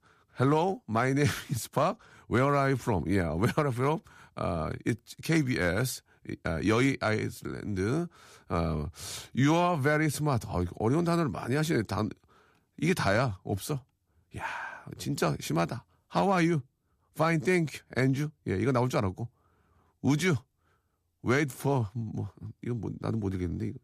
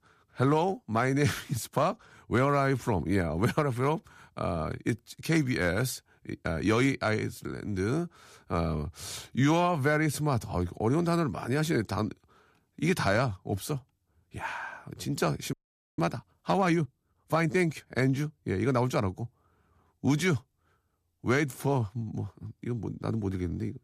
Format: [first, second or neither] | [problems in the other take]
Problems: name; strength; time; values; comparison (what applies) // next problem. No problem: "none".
first | audio freezing; at 16 s